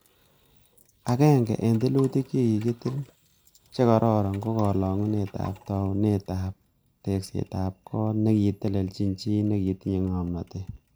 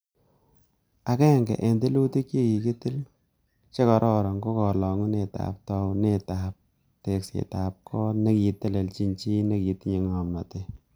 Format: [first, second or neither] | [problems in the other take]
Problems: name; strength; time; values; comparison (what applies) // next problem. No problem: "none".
second | noise reduction (neural mask model Resemble Enhance denoiser)